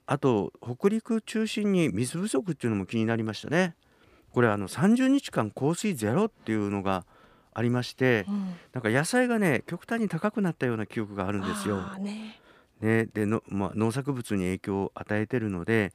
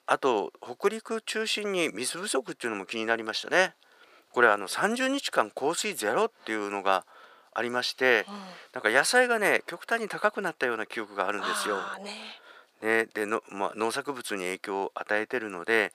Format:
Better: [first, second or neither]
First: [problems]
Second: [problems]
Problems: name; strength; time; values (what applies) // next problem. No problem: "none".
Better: first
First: none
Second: thin; very; fading below 600 Hz